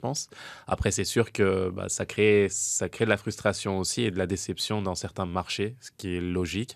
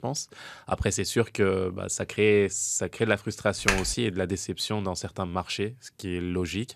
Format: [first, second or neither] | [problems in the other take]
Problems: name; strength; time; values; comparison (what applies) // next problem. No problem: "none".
first | keyboard typing; loud; at 3.5 s; peak 1 dB above the speech